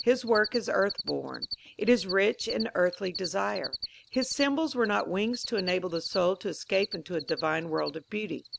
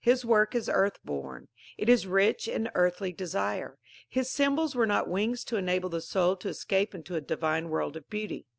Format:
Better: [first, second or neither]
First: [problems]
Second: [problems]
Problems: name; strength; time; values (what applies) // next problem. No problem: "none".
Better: second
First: background sound (Cricket); 12 dB below the speech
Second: none